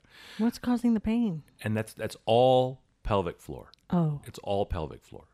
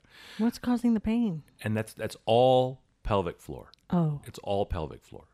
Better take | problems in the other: neither | none

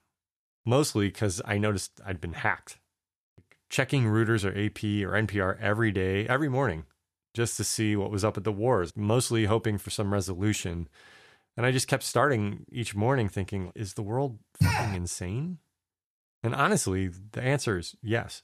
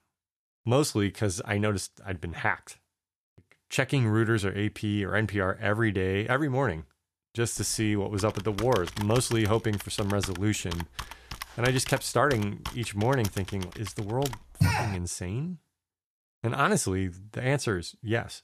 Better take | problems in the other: first | keyboard typing; noticeable; from 7.5 to 15 s; peak 8 dB below the speech

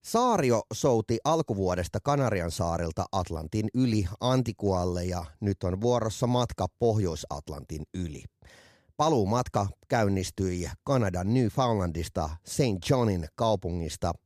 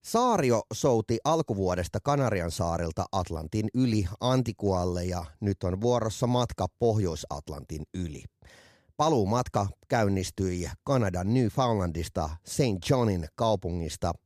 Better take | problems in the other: neither | none

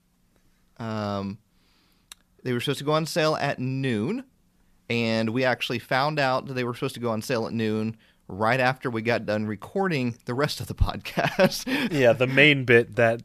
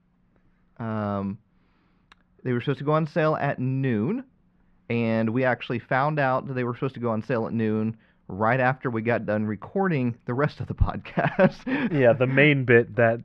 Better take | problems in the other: first | muffled; very; fading above 1.5 kHz

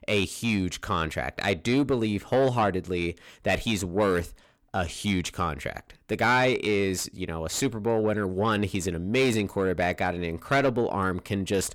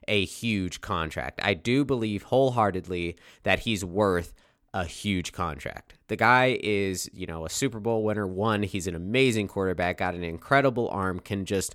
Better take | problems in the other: second | distortion; slight; 10 dB below the speech

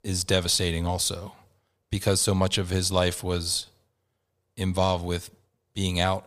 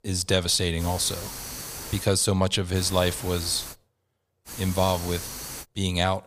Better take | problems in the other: first | hiss; noticeable; from 1 to 2 s, at 3 s and from 4.5 to 5.5 s; 10 dB below the speech

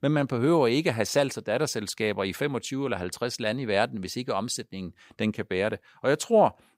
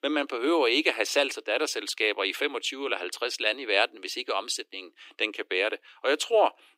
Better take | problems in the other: first | thin; somewhat; fading below 300 Hz

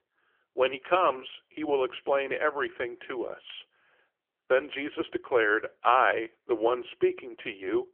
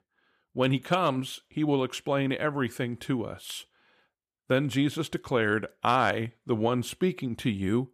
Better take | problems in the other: second | phone-call audio; poor line; nothing above 3.5 kHz

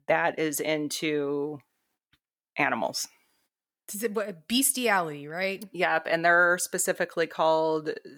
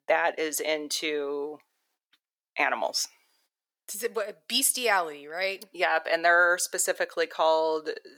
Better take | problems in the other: first | thin; somewhat; fading below 500 Hz

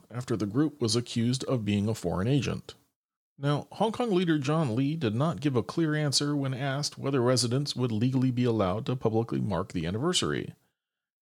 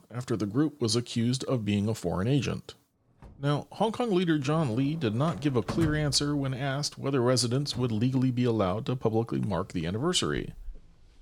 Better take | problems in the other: first | household noises; noticeable; from 3.5 s on; 15 dB below the speech

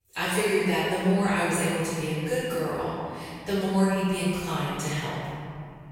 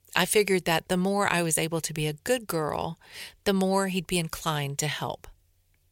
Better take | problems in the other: second | off-mic speech; far // room echo; strong; dies away in 2.3 s

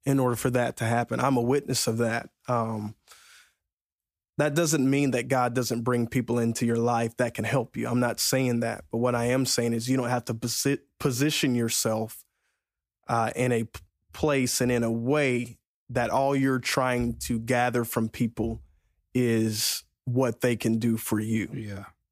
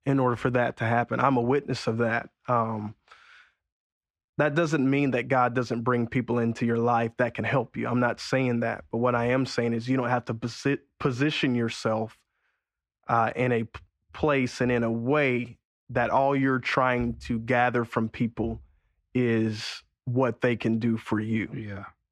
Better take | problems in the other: first | muffled; slightly; fading above 3 kHz

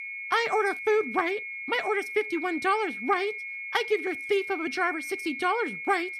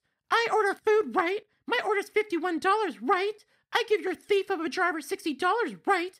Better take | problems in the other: second | high-pitched whine; loud; throughout; 2 kHz, 6 dB below the speech

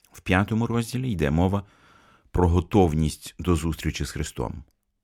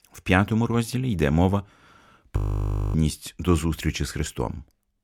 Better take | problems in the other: first | audio freezing; at 2.5 s for 0.5 s

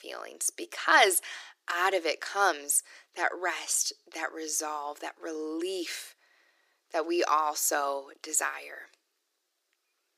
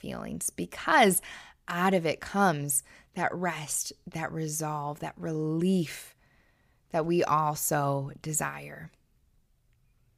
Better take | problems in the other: second | thin; very; fading below 300 Hz

